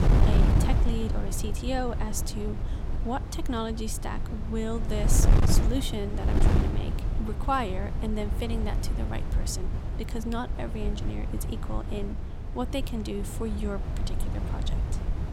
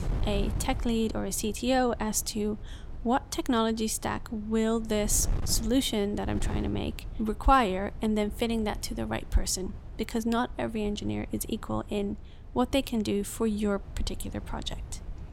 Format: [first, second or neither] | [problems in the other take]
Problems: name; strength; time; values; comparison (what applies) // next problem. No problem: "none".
second | wind noise on the microphone; heavy; 4 dB below the speech; occasional gusts in the second